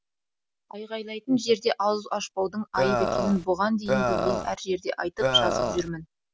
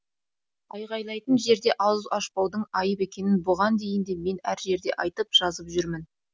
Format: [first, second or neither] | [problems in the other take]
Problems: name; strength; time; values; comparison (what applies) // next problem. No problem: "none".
second | background sound (Burping, eructation); 2 dB above the speech